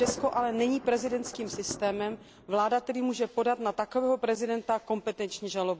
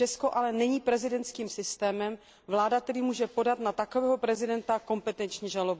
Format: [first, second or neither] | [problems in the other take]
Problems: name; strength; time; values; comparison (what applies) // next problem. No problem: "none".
second | background sound (Thunder); 15 dB below the speech